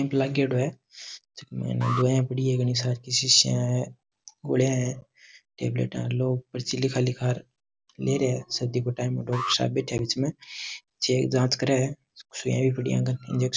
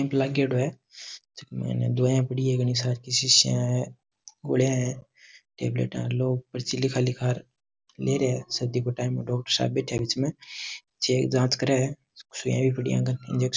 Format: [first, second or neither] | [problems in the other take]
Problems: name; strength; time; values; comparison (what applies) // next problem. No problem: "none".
second | background sound (Alarm); 12 dB below the speech